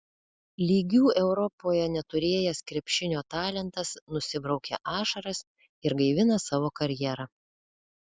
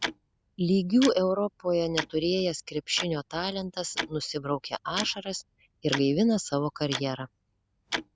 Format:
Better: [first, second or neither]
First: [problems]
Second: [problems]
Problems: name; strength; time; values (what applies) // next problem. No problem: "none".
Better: first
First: none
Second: background sound (Tick-tock); 11 dB below the speech